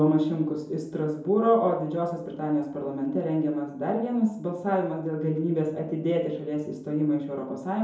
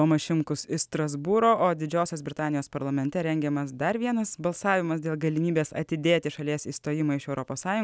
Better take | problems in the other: second | room echo; dies away in 2.6 s

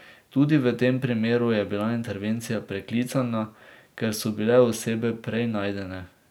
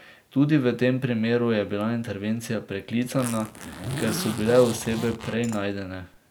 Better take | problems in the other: first | background sound (Zipper (clothing)); 10 dB below the speech

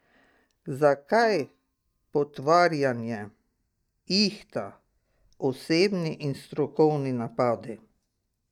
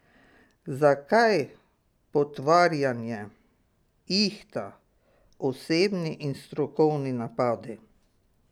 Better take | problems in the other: second | noise reduction (neural mask model DeepFilterNet 3)

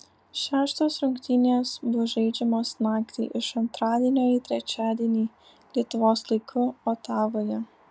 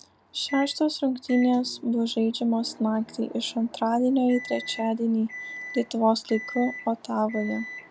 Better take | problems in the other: first | background sound (Microwave oven); 16 dB below the speech

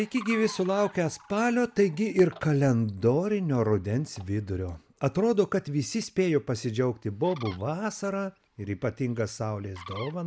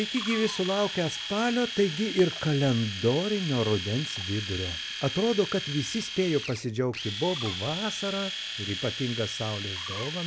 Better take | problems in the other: first | background sound (Domestic sounds, home sounds); 7 dB below the speech

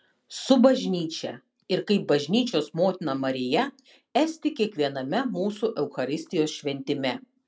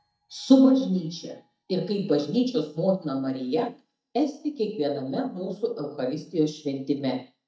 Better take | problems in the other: first | noise reduction (neural mask model DeepFilterNet 3)

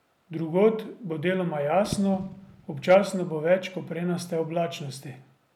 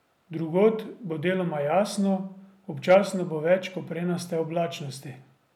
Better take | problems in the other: second | background sound (Fireworks / Boom); 19 dB below the speech

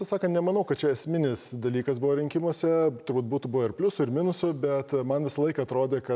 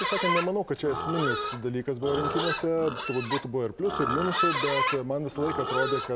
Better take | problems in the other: first | background sound (Livestock, farm animals, working animals); 2 dB below the speech

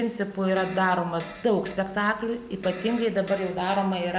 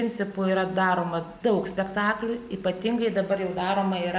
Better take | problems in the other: second | background sound (Fart); 17 dB below the speech

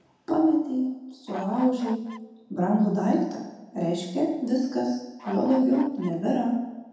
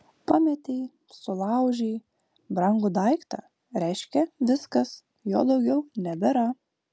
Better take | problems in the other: second | background sound (Bird / Fowl); 13 dB below the speech // room echo; dies away in 0.9 s

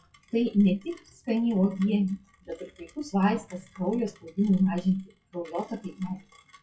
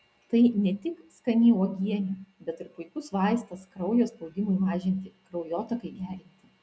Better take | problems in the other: second | noise reduction (classical method WPE with log-MMSE)

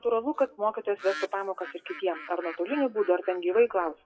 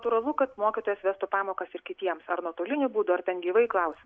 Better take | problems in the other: second | noise reduction (classical method WPE with log-MMSE)

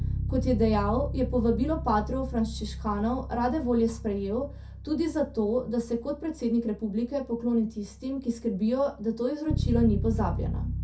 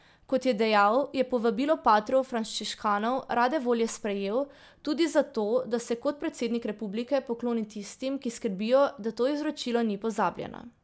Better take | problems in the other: second | background sound (Bass guitar); 6 dB below the speech // room echo; dies away in 0.3 s

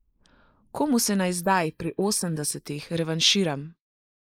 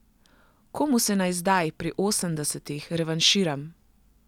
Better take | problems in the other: second | noise reduction (neural mask model Resemble Enhance denoiser)

